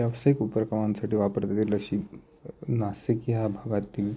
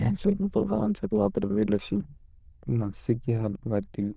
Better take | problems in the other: first | noise reduction (neural diffusion model UNIVERSE++)

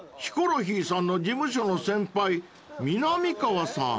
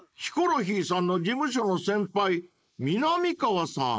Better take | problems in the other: first | noise reduction (neural mask model Resemble Enhance denoiser)

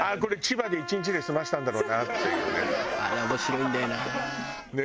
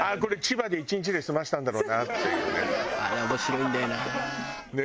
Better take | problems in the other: second | background sound (Trumpet); 13 dB below the speech

